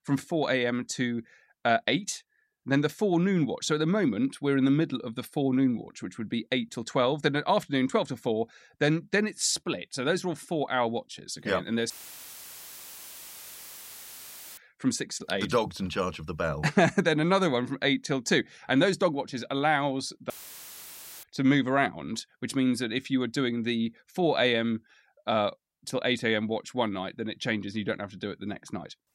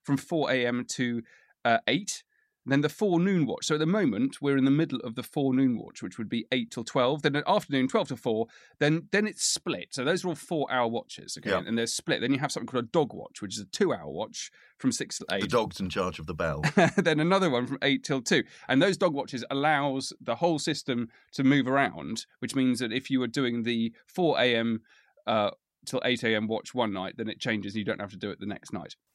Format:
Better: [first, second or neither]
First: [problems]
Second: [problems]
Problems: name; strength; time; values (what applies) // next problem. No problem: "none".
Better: second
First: audio cutting out; filled with static; at 12 s for 2.5 s and at 20 s for 1 s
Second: none